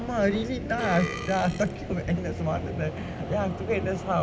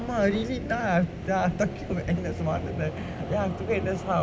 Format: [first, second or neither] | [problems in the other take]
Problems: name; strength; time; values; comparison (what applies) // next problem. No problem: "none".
second | background sound (Burping, eructation); 10 dB below the speech